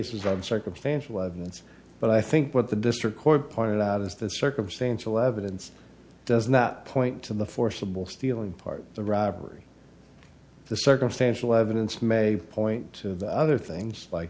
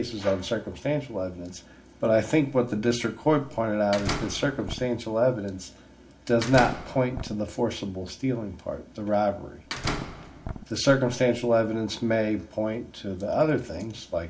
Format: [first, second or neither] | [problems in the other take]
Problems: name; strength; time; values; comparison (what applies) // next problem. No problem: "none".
first | background sound (Slam); 6 dB below the speech // room echo; dies away in 0.2 s